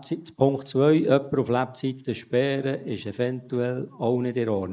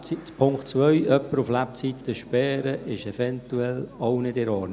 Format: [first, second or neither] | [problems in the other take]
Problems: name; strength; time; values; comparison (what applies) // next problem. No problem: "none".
second | noise reduction (neural mask model Resemble Enhance denoiser)